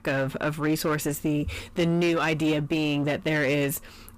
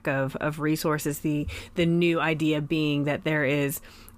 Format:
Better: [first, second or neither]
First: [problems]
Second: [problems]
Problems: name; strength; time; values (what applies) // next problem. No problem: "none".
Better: second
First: distortion; slight; 12% of the sound clipped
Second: none